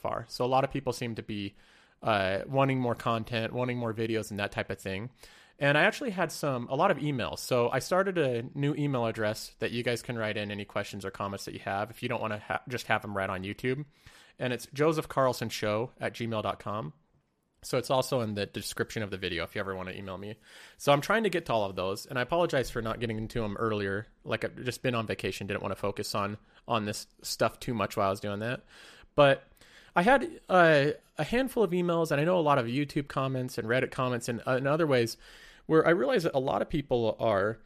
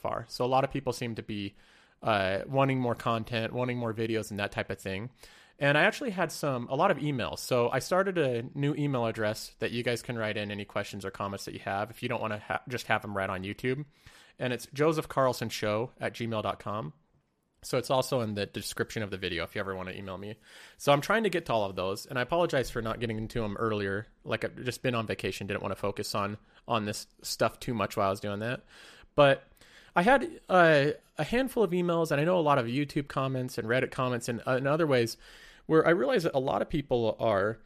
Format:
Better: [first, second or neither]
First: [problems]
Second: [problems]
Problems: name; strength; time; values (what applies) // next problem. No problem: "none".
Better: neither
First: none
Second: none